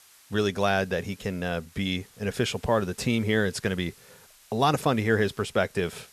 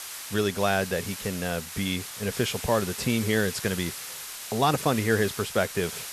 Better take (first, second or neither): first